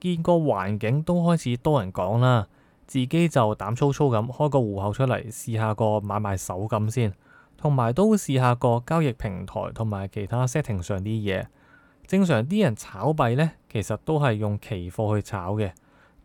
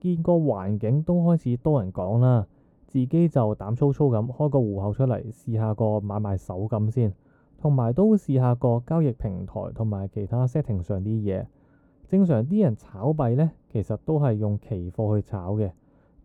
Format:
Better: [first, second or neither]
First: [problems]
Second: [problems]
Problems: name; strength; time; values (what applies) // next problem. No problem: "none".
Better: first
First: none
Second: muffled; very; fading above 1 kHz